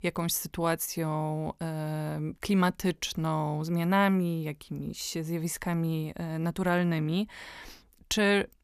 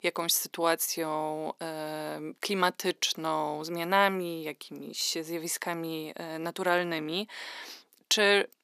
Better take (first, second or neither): first